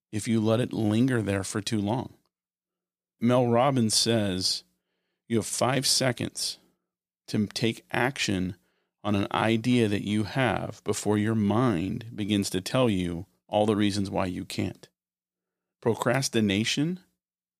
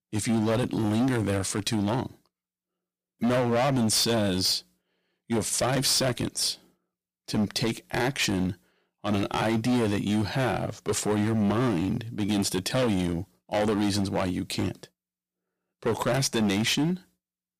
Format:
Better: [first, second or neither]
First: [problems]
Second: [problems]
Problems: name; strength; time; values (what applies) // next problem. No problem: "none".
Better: first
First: none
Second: distortion; heavy; 14% of the sound clipped